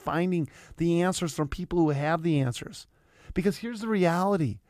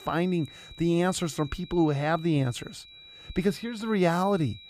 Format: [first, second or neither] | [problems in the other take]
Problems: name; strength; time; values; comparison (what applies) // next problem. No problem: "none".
first | high-pitched whine; noticeable; throughout; 4 kHz, 20 dB below the speech